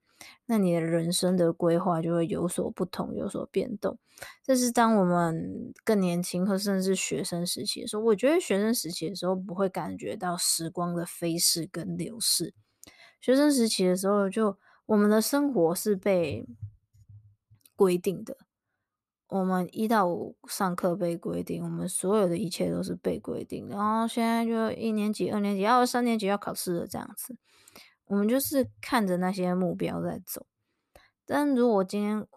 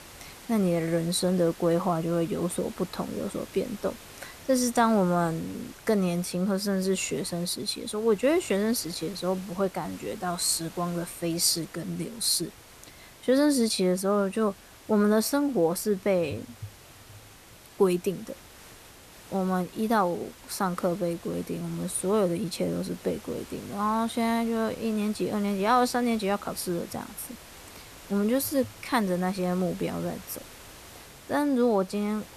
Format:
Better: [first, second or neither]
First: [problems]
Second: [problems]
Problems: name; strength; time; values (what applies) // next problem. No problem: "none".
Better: first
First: none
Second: hiss; noticeable; throughout; 20 dB below the speech